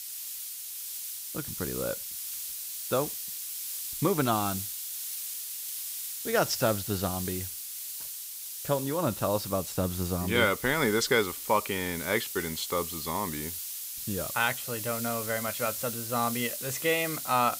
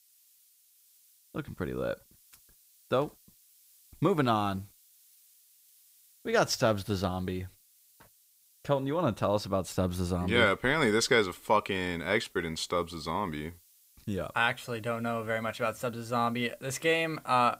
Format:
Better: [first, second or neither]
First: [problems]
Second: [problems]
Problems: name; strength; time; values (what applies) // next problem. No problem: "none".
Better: second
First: hiss; loud; throughout; 5 dB below the speech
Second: hiss; faint; throughout; 30 dB below the speech